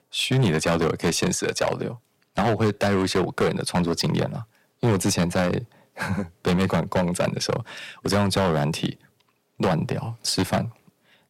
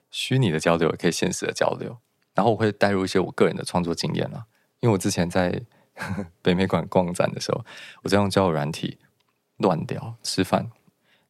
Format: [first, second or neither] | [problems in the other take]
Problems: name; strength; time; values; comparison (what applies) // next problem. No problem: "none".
second | distortion; heavy; 9% of the sound clipped